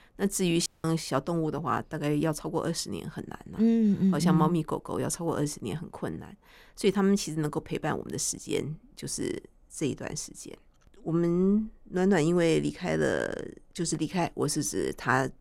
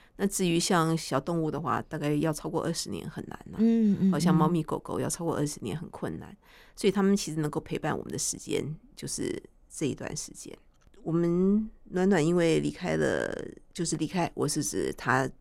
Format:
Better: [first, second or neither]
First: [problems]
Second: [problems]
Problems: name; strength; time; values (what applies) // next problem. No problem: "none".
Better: second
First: audio cutting out; at 0.5 s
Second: none